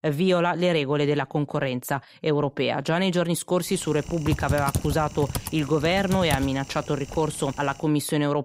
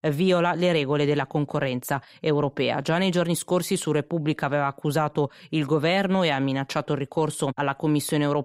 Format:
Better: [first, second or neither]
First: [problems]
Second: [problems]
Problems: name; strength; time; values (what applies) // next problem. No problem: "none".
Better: second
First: keyboard typing; noticeable; from 4 to 7 s; peak 3 dB below the speech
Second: none